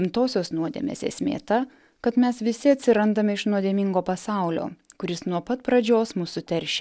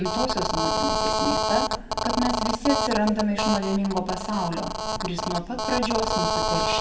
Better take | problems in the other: first | background sound (Telephone); 1 dB above the speech // room echo; dies away in 1.7 s

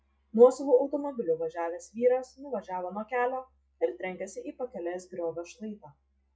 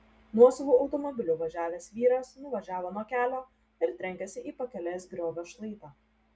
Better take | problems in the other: second | noise reduction (classical method log-MMSE)

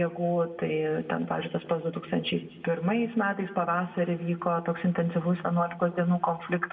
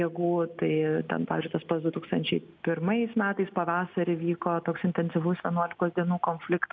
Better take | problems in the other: second | room echo; dies away in 1.2 s

